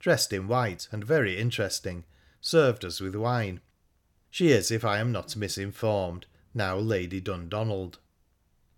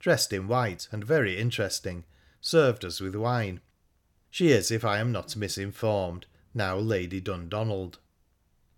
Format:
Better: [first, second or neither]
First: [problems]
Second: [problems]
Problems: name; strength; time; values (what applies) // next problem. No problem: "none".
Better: neither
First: none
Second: none